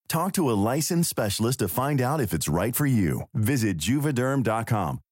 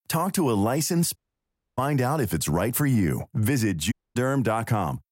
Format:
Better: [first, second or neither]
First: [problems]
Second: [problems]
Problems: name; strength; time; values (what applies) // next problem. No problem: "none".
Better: first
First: none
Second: audio cutting out; at 1 s for 0.5 s and at 4 s